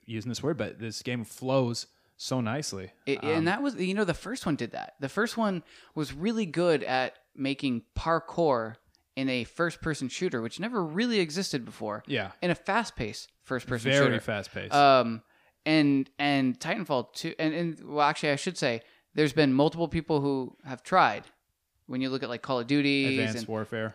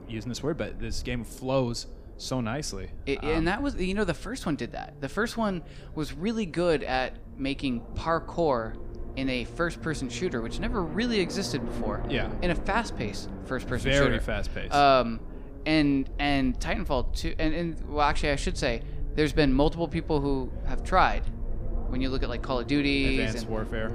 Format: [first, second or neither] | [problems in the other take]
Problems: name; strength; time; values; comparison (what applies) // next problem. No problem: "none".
first | low rumble; noticeable; throughout; 15 dB below the speech